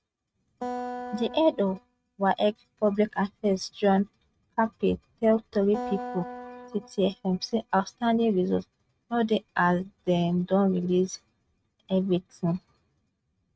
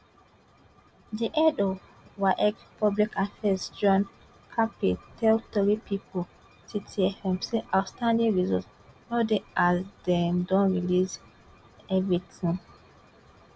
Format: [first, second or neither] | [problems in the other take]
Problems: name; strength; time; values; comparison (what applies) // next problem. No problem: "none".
second | noise reduction (neural mask model RNNoise)